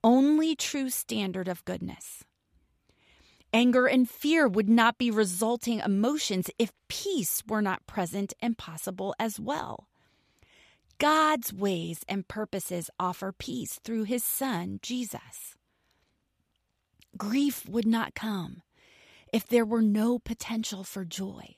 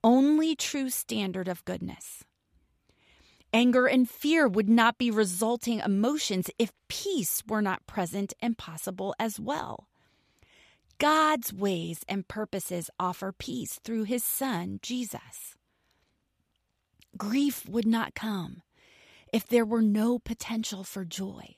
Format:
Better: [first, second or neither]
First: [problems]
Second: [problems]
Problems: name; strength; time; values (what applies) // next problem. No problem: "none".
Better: neither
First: none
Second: none